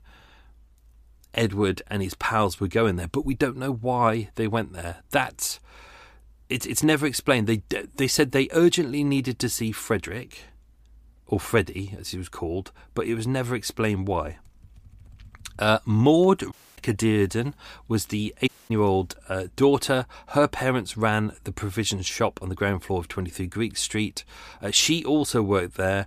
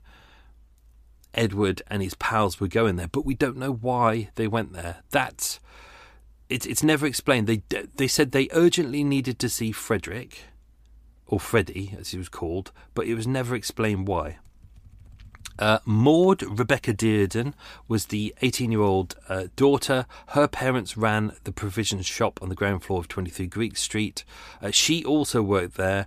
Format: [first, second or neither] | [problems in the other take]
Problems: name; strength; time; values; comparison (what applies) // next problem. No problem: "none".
second | audio cutting out; at 17 s and at 18 s